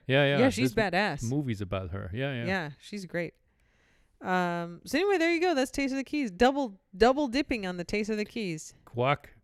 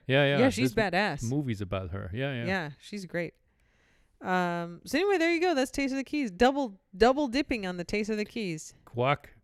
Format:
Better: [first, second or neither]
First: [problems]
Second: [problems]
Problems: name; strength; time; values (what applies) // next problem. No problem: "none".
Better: neither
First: none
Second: none